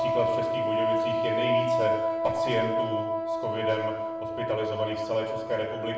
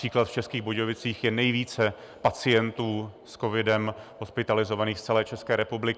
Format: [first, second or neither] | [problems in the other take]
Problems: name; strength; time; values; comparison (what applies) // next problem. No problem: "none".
second | background sound (Wind instrument, woodwind instrument); 4 dB above the speech // room echo; dies away in 0.8 s